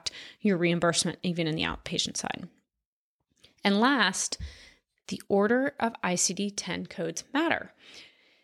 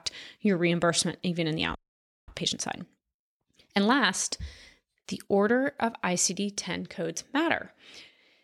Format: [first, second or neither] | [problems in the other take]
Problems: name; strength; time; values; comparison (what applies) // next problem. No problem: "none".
first | audio freezing; at 2 s for 0.5 s